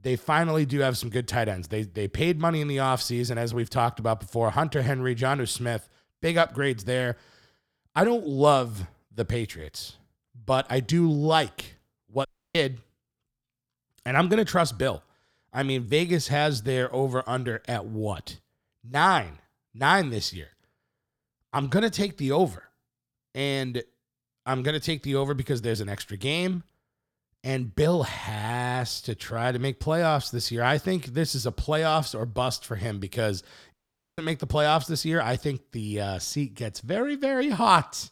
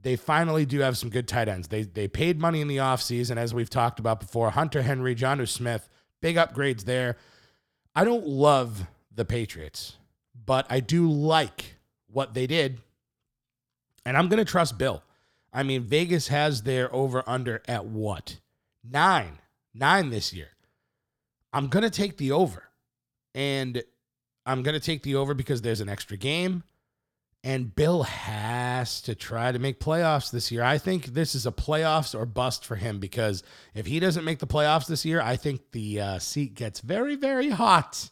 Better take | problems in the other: second | audio cutting out; at 12 s and at 34 s

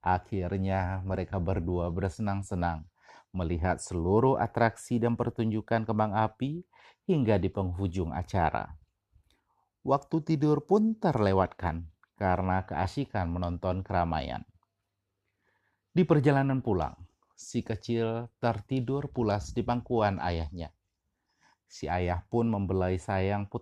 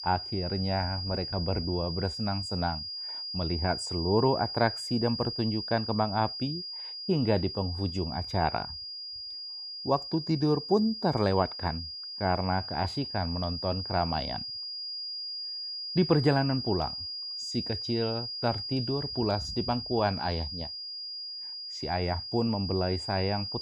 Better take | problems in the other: first | high-pitched whine; loud; throughout; 5 kHz, 5 dB below the speech

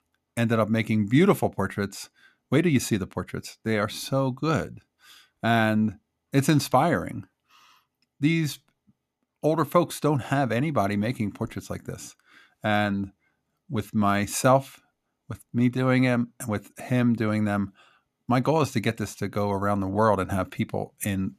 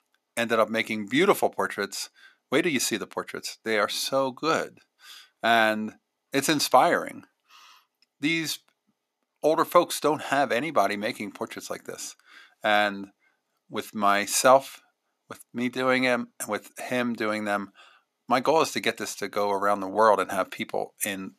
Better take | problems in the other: first | thin; somewhat; fading below 400 Hz

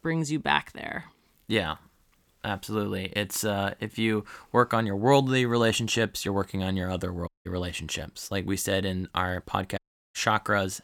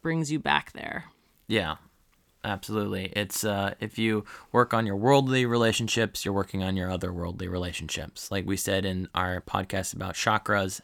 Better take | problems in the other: second | audio cutting out; at 7.5 s and at 10 s

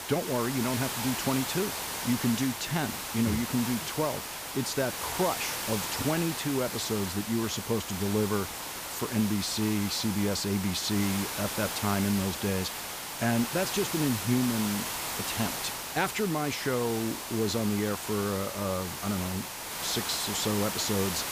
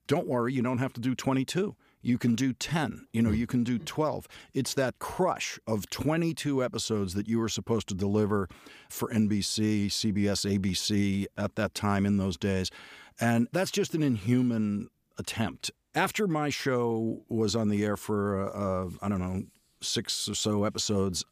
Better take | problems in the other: second | hiss; loud; throughout; 3 dB below the speech

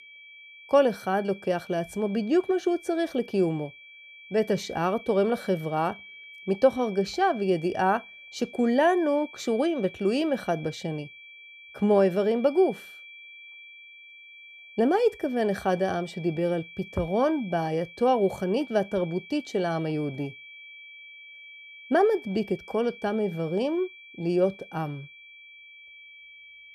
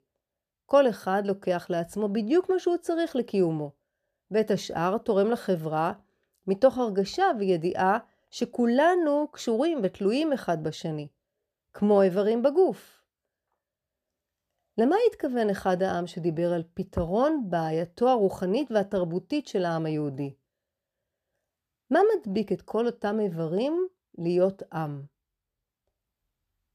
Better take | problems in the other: second | high-pitched whine; noticeable; throughout; 2.5 kHz, 20 dB below the speech

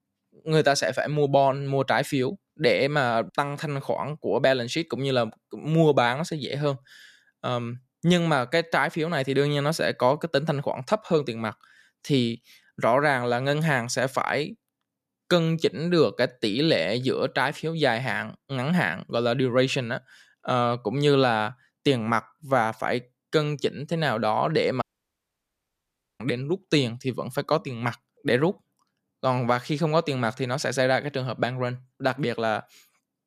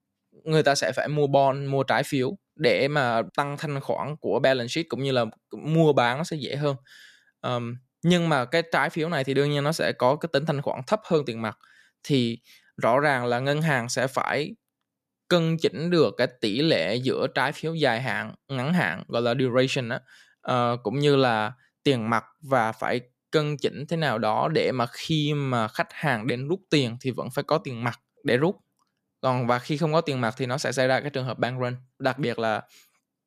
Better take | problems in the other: second | audio cutting out; at 25 s for 1.5 s

